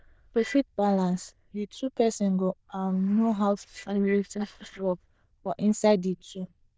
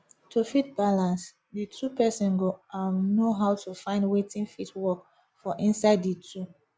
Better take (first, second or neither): second